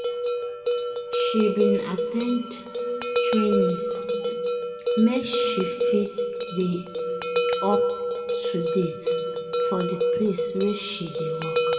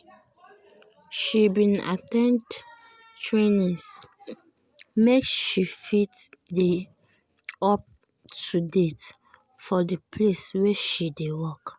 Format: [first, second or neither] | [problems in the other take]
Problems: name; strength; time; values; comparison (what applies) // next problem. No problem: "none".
second | background sound (Bell); 2 dB above the speech // room echo; dies away in 1.9 s